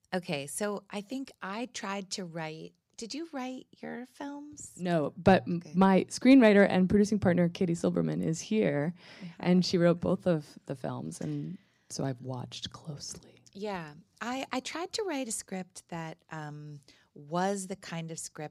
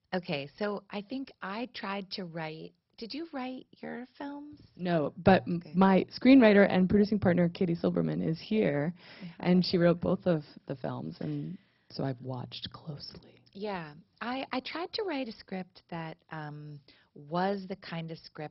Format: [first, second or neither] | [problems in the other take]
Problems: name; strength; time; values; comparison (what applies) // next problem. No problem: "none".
first | garbled, watery; badly; nothing above 5.5 kHz